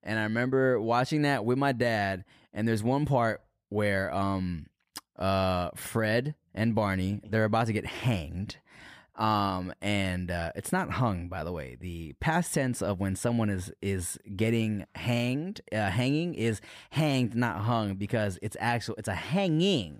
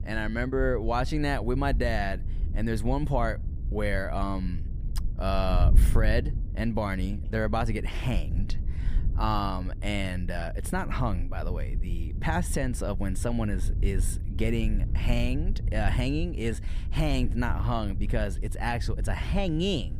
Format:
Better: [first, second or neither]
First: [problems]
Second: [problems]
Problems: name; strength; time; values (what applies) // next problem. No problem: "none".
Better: first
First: none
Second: wind noise on the microphone; occasional gusts; 15 dB below the speech